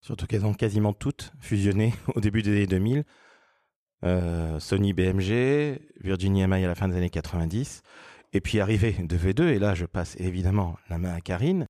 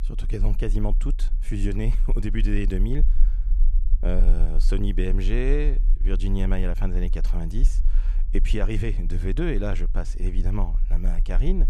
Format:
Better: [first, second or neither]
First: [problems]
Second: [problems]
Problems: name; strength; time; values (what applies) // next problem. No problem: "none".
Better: first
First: none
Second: low rumble; noticeable; throughout; 20 dB below the speech